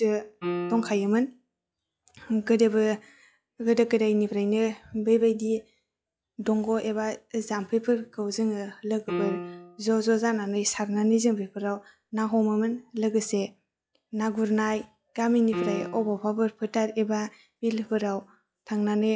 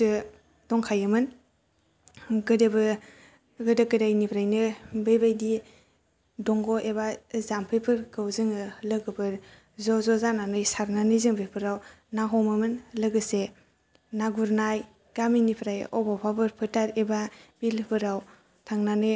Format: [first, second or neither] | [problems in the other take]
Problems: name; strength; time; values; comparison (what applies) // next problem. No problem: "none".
second | noise reduction (classical method log-MMSE)